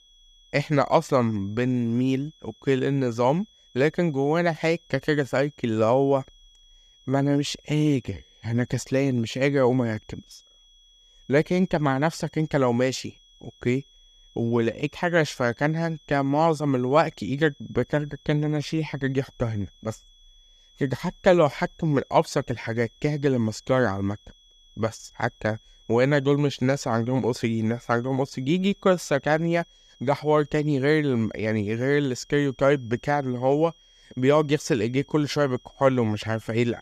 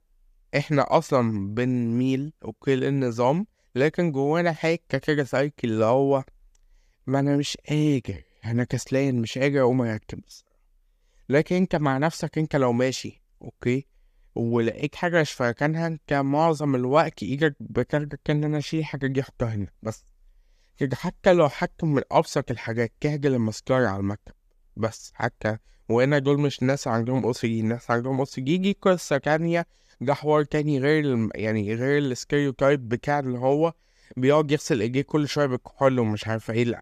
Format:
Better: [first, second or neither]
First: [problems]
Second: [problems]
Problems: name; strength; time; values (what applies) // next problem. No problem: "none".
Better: second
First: high-pitched whine; faint; throughout; 3.5 kHz, 30 dB below the speech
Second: none